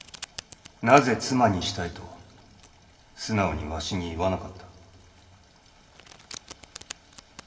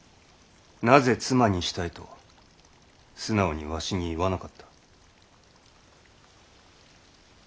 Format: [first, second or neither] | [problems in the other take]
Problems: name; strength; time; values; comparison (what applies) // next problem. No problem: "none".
second | background sound (Domestic sounds, home sounds); 20 dB below the speech // room echo; dies away in 1.5 s